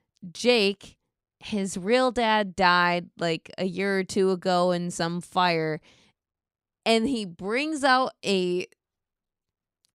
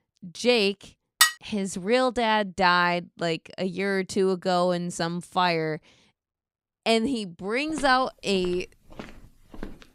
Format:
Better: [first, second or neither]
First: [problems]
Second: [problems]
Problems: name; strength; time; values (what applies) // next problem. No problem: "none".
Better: first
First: none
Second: clattering dishes; loud; at 1 s; peak 4 dB above the speech // footsteps; faint; from 7.5 s on; peak 15 dB below the speech